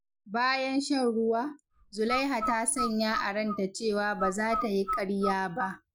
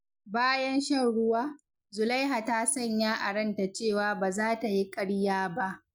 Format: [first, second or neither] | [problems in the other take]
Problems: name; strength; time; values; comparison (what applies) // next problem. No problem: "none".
second | background sound (Bird); 6 dB below the speech